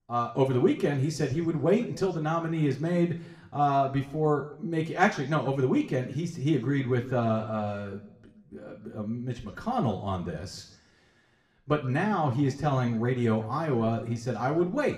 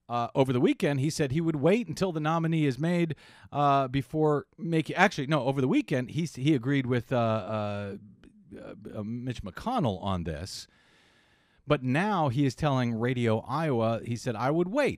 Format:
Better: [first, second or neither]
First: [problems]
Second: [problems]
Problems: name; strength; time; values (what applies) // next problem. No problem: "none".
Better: second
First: room echo; slight; dies away in 0.6 s // off-mic speech; somewhat distant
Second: none